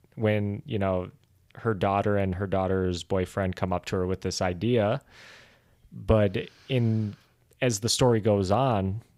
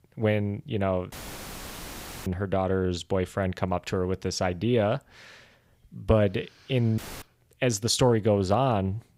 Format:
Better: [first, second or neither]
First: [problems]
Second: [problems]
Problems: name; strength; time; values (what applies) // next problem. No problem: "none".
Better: first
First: none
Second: audio cutting out; filled with static; at 1 s for 1 s and at 7 s